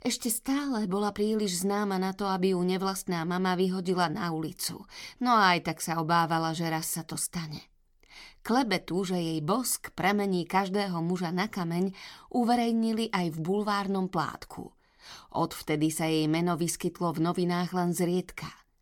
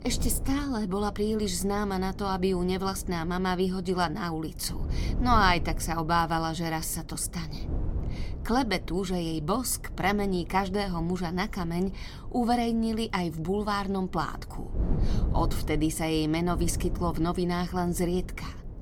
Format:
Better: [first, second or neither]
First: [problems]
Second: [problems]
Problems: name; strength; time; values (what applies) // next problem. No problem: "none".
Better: first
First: none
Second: wind noise on the microphone; occasional gusts; 20 dB below the speech